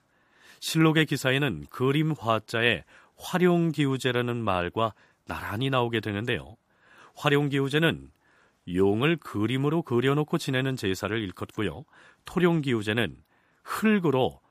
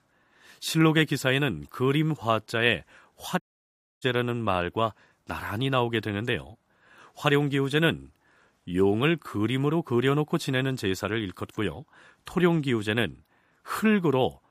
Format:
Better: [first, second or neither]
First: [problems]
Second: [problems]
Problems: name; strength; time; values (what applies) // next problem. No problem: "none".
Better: first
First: none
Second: audio cutting out; at 3.5 s for 0.5 s